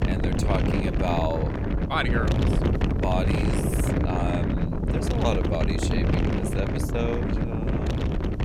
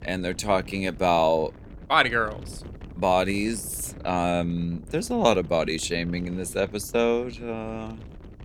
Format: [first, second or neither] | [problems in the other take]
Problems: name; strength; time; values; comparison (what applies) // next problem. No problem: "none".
second | wind noise on the microphone; heavy; 1 dB below the speech; occasional gusts in the second